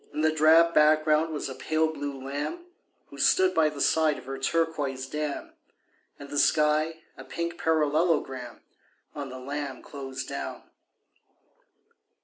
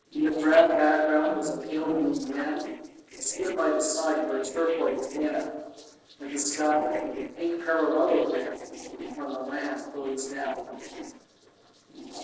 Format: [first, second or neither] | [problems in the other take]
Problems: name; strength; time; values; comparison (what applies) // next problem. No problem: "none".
first | noise reduction (neural separator model SepFormer DNS4)